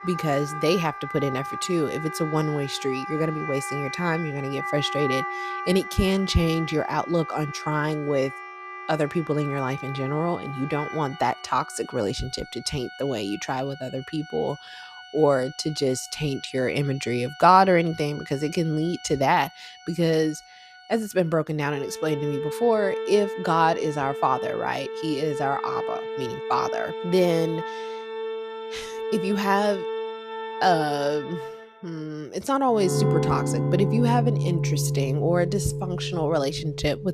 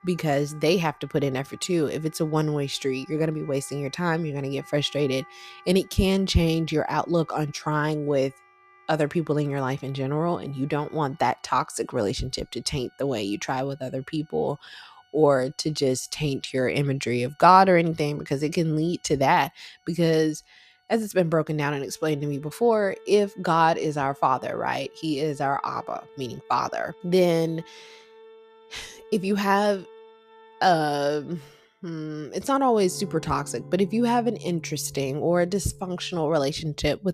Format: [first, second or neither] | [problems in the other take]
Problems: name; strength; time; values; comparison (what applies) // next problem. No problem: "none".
second | background music; loud; throughout; 6 dB below the speech; faint in the second